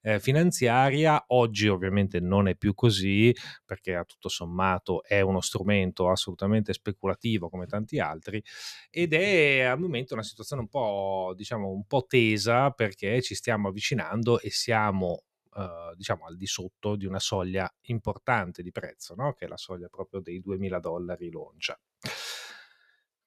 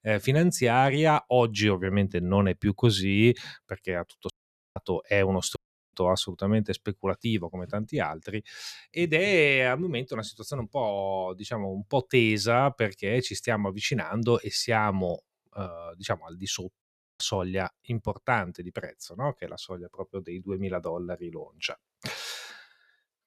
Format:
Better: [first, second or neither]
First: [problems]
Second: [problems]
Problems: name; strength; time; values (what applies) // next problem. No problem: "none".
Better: first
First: none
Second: audio cutting out; at 4.5 s, at 5.5 s and at 17 s